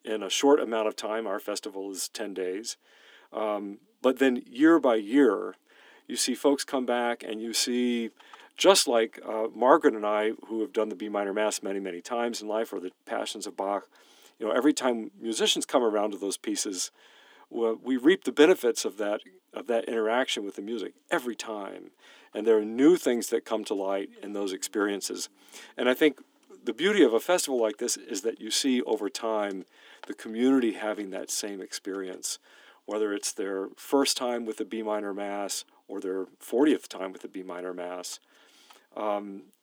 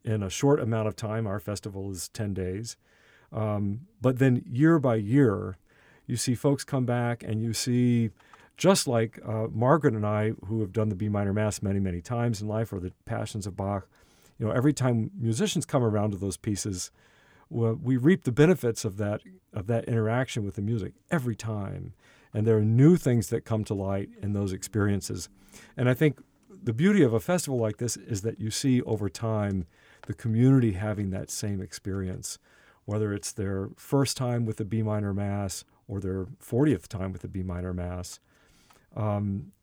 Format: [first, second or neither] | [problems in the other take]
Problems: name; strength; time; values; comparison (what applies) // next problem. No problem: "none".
second | thin; somewhat; fading below 250 Hz